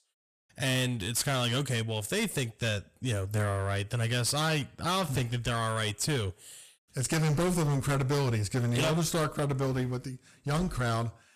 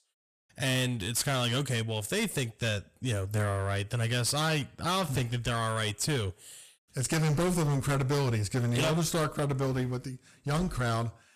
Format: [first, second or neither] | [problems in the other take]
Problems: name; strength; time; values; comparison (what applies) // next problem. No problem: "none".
neither | distortion; heavy; 16% of the sound clipped; the same in both